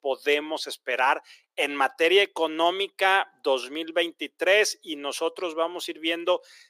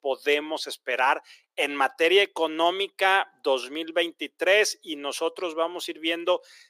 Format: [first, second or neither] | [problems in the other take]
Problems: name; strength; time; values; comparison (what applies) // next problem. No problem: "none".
neither | thin; very; fading below 350 Hz; the same in both